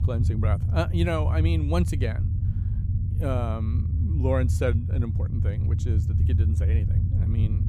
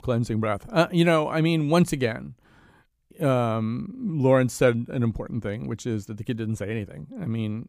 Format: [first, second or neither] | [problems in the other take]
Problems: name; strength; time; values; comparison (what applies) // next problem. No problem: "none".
second | low rumble; loud; throughout; 7 dB below the speech